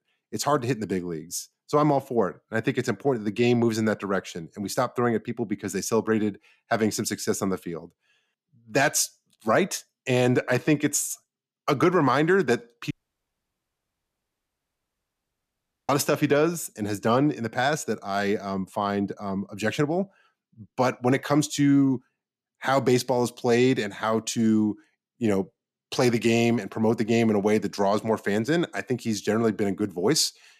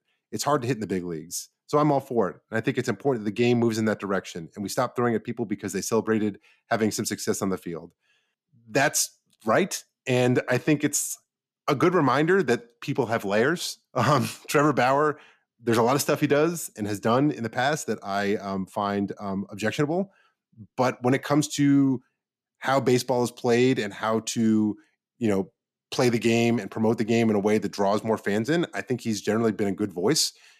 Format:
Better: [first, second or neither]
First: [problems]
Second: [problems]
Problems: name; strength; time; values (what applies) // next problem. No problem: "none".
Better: second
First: audio cutting out; at 13 s for 3 s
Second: none